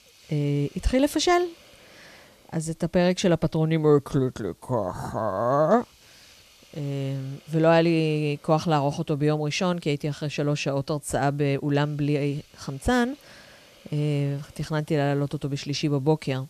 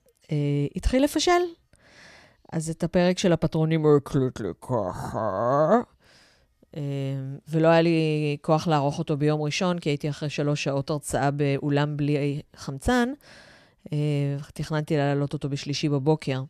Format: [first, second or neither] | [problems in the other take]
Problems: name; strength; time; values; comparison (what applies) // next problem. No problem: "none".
second | hiss; faint; throughout; 30 dB below the speech